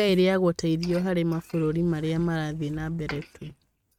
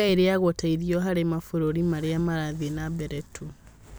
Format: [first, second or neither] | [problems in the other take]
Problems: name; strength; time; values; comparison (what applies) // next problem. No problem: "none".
second | noise reduction (neural mask model RNNoise)